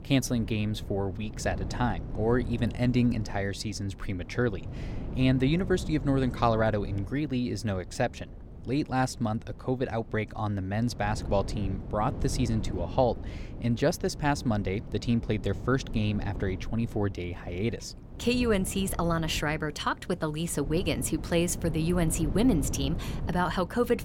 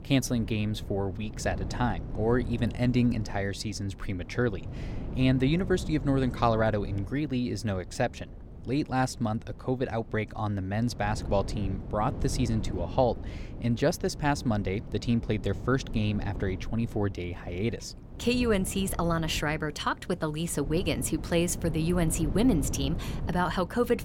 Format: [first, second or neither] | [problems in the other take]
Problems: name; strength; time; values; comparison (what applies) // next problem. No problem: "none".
neither | wind noise on the microphone; occasional gusts; 15 dB below the speech; the same in both